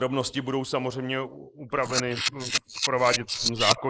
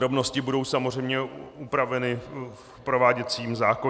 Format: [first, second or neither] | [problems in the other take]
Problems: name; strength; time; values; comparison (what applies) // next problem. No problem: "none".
second | noise reduction (neural mask model Resemble Enhance denoiser)